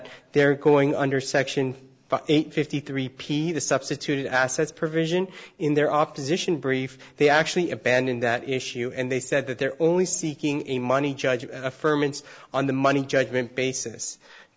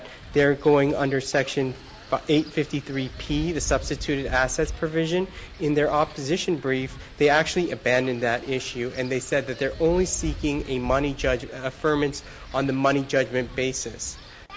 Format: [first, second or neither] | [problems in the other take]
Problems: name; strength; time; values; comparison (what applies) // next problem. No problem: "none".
first | background sound (Wind); 14 dB below the speech